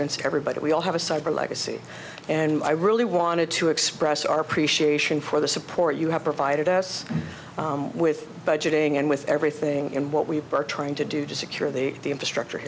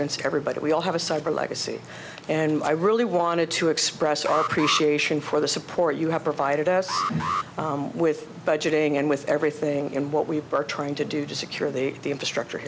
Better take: first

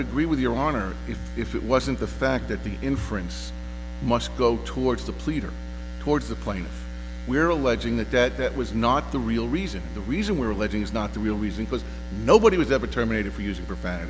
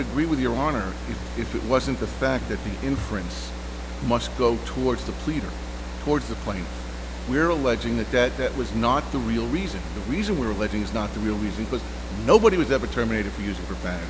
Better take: first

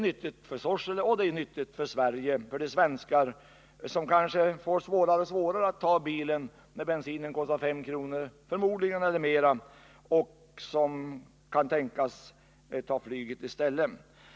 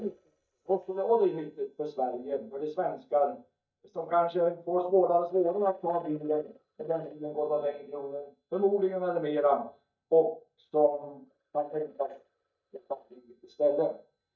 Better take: first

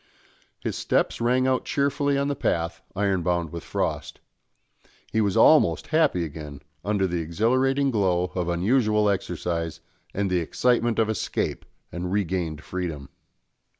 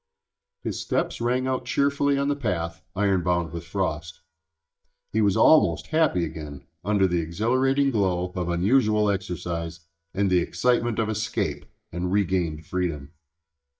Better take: first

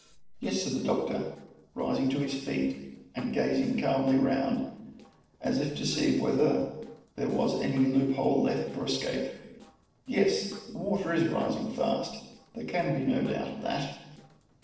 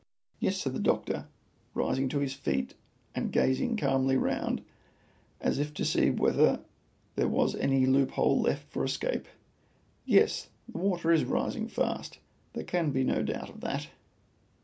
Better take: second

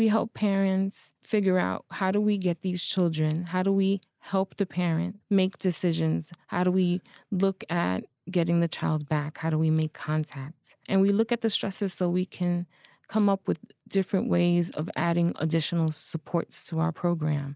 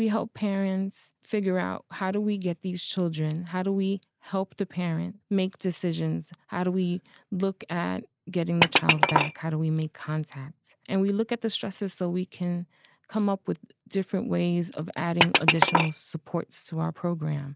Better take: first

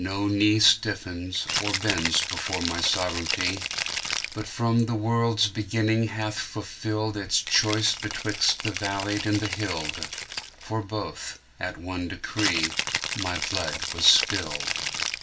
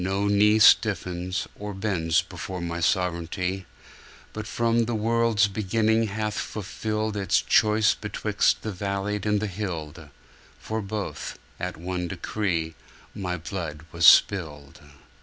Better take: second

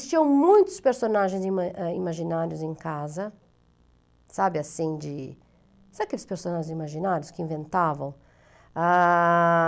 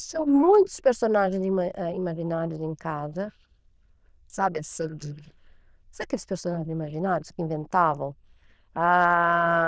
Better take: first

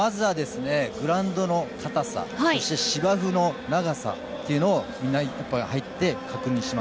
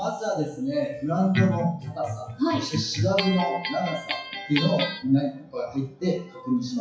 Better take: first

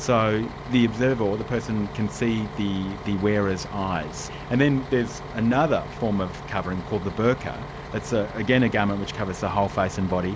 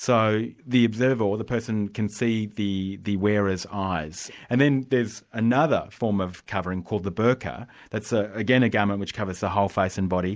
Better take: second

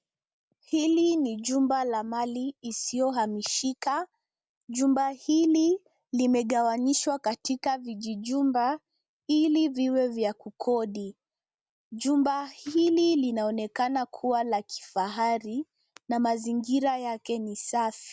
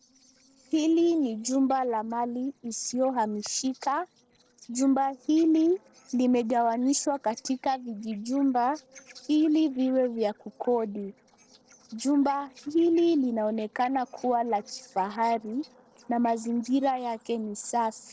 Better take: first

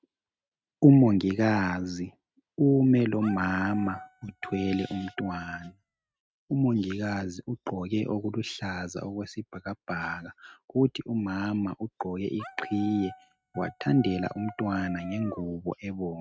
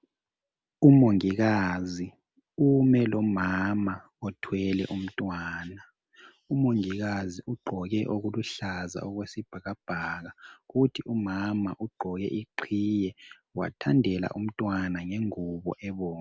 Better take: second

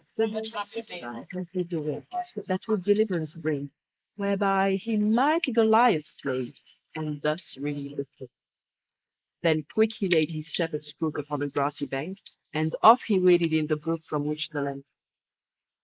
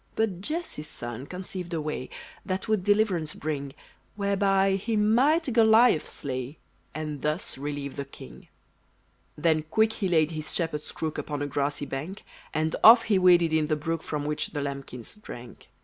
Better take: second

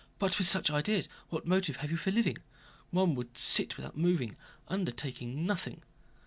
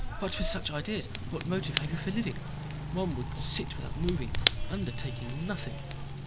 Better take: first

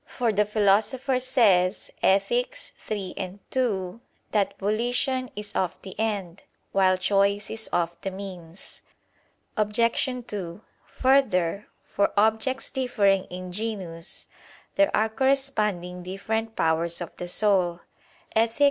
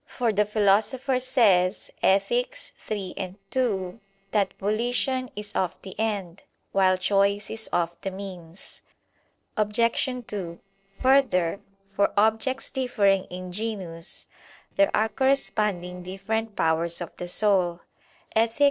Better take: first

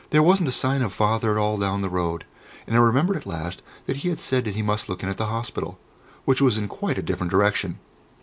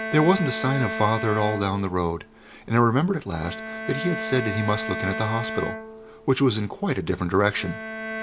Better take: first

